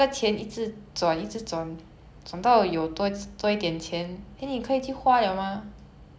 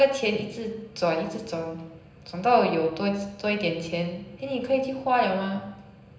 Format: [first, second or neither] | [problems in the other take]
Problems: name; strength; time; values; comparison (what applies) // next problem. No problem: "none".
first | room echo; dies away in 0.9 s